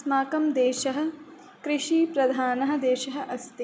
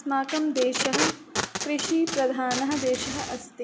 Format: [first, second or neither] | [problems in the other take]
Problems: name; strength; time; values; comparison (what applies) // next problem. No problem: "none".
first | background sound (Packing tape, duct tape); 4 dB below the speech